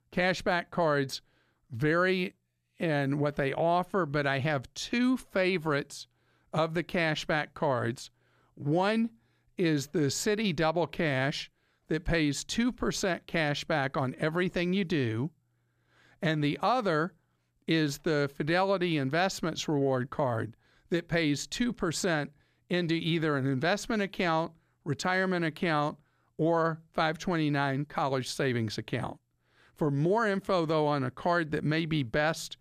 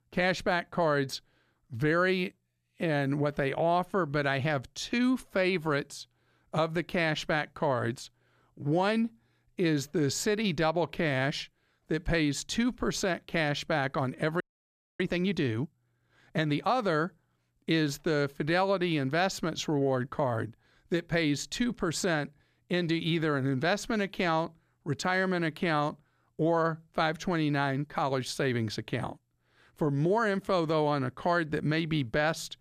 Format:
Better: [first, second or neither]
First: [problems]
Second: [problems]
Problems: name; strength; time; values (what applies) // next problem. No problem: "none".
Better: first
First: none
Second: audio freezing; at 14 s for 0.5 s